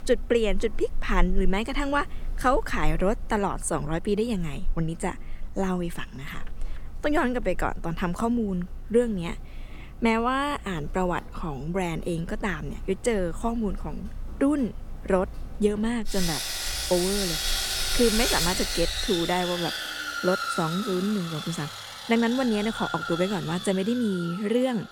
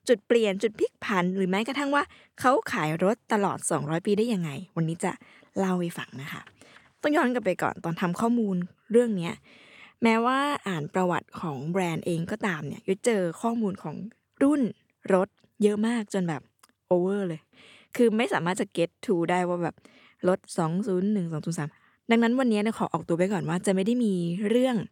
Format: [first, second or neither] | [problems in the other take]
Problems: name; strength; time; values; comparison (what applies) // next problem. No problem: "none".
second | machinery noise; loud; throughout; 5 dB below the speech